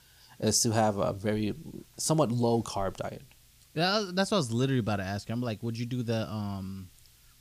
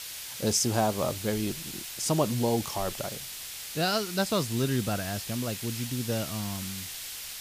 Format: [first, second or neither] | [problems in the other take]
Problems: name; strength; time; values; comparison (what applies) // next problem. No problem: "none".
first | hiss; loud; throughout; 7 dB below the speech; faint in the first